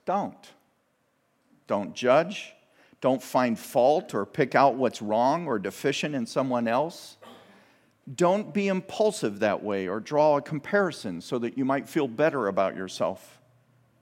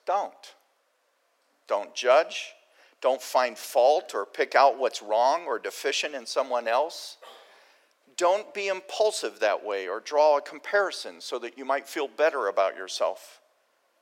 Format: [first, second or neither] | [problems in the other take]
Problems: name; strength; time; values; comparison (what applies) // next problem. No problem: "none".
first | thin; very; fading below 450 Hz